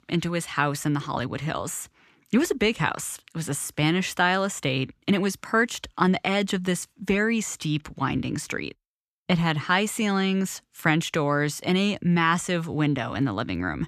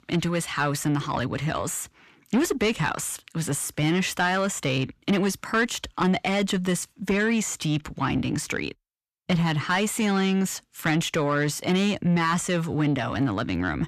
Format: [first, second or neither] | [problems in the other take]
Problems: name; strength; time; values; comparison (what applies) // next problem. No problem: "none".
first | distortion; slight; 10 dB below the speech